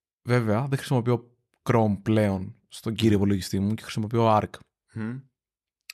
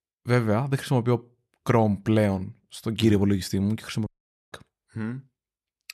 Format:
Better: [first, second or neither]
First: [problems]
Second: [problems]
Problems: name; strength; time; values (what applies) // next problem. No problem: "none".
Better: first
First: none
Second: audio cutting out; at 4 s